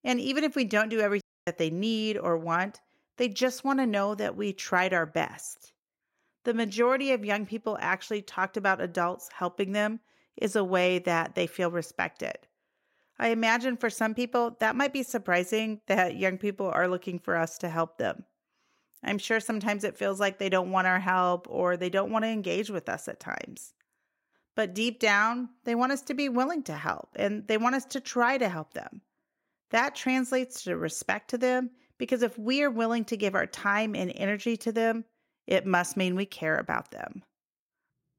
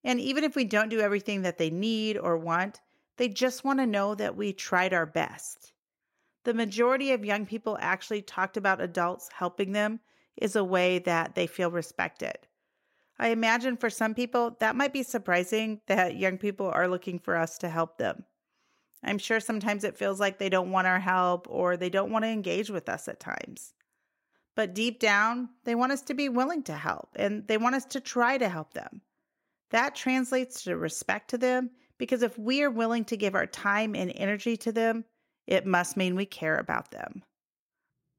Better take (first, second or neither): second